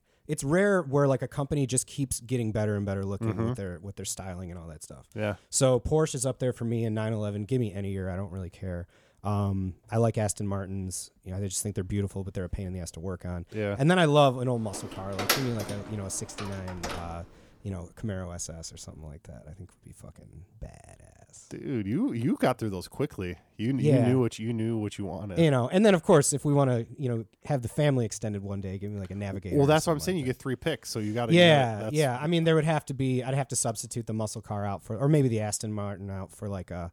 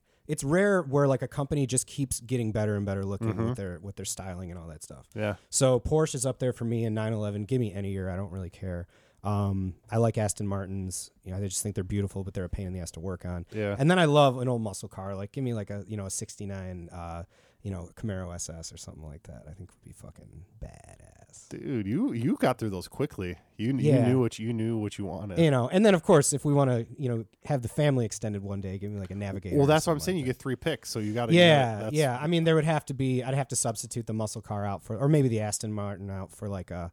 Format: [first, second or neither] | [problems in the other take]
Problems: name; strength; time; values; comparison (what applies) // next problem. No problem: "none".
second | door banging; loud; from 15 to 17 s; peak 1 dB above the speech